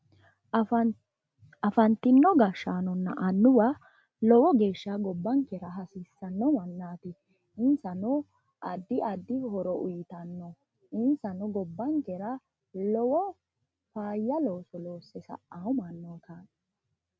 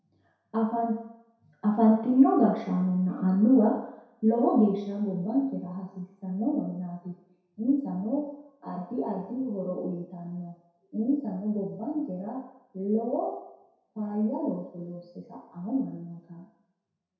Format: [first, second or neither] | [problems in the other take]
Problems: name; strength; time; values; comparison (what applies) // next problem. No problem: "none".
first | room echo; dies away in 0.7 s